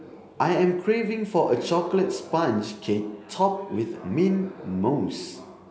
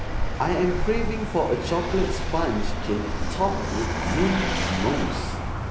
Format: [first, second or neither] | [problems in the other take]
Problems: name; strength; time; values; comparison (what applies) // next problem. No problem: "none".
first | background sound (Vehicle); as loud as the speech